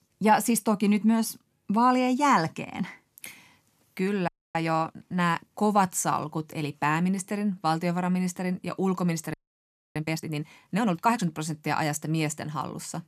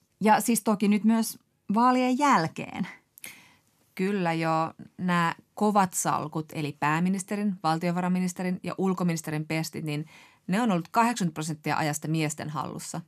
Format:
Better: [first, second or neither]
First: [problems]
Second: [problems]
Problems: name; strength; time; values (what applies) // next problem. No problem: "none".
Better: second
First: audio freezing; at 4.5 s and at 9.5 s for 0.5 s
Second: none